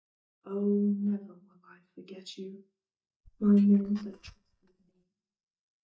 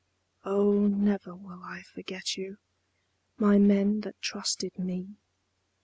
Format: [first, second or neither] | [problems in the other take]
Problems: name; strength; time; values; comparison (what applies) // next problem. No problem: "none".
second | noise reduction (neural mask model DeepFilterNet 3)